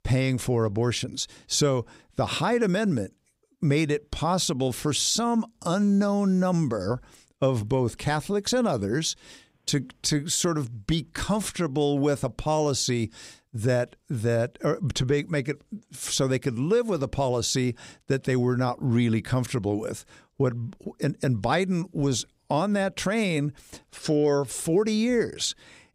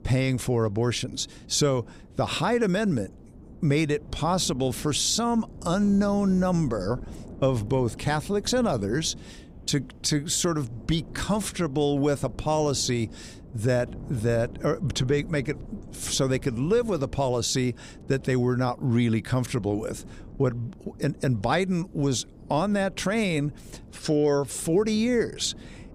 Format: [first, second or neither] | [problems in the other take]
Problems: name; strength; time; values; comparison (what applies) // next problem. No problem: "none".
first | wind noise on the microphone; occasional gusts; 25 dB below the speech